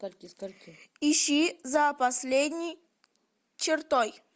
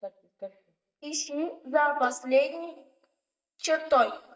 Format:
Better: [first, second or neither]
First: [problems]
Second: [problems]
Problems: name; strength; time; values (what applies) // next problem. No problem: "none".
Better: first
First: none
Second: noise reduction (neural mask model DeepFilterNet 3)